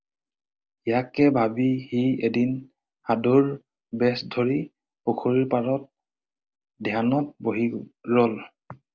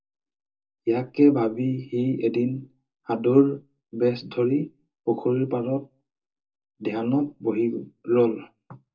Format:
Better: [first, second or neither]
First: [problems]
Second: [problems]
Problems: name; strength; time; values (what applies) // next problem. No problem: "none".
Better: first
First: none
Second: room echo; dies away in 0.2 s